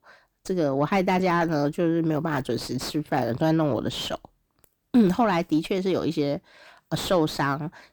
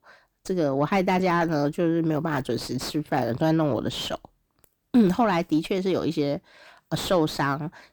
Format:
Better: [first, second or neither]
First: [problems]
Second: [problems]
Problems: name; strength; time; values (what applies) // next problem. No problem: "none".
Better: neither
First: distortion; slight; 10 dB below the speech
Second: distortion; slight; 10 dB below the speech